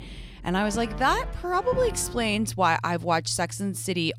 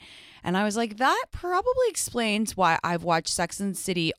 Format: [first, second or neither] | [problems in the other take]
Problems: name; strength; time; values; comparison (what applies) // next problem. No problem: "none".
second | background music; noticeable; throughout; 15 dB below the speech